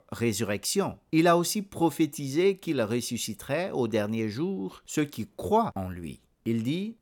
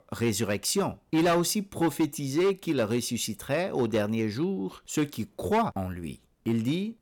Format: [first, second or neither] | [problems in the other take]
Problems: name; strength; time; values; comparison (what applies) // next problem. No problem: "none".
first | distortion; slight; 5% of the sound clipped